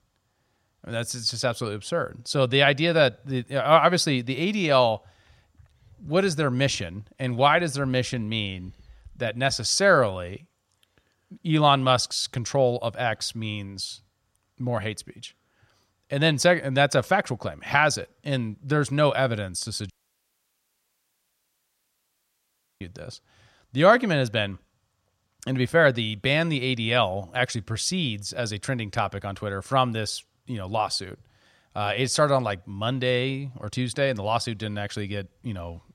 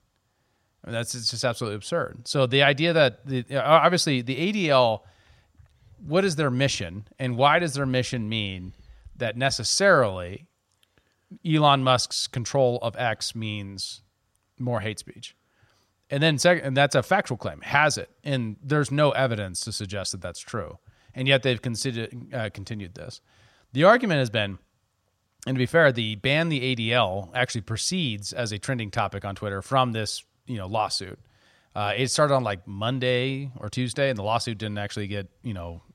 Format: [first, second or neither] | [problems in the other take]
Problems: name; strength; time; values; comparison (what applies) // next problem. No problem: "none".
second | audio cutting out; at 20 s for 3 s